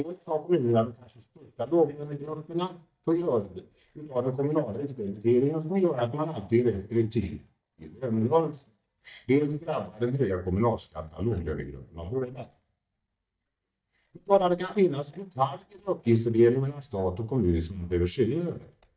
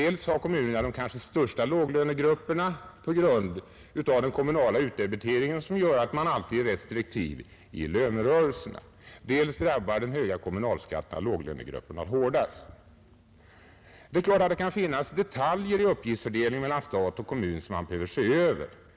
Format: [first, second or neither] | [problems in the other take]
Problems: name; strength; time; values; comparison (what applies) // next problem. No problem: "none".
second | noise reduction (neural mask model DeepFilterNet 3)